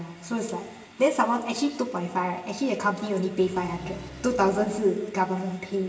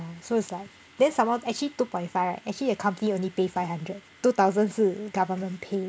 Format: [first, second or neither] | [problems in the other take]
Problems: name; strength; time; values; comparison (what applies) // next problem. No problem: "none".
second | background sound (Engine); 16 dB below the speech // room echo; dies away in 1.1 s